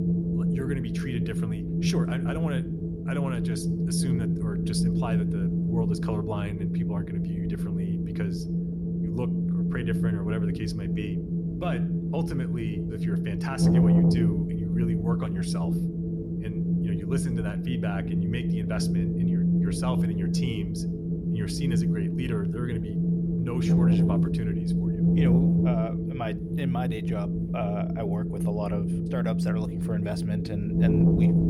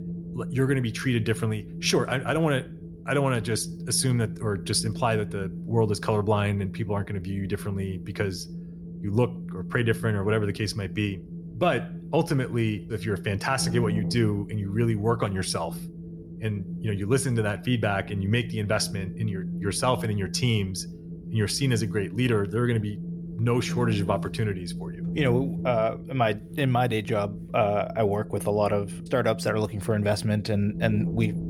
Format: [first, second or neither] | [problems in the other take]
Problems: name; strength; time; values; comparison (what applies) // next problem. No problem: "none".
second | wind noise on the microphone; heavy; 3 dB above the speech; occasional gusts in the second